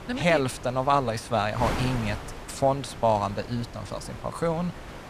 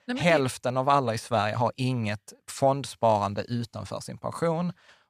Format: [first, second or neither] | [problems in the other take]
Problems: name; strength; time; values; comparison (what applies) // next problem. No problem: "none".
second | wind noise on the microphone; occasional gusts; 15 dB below the speech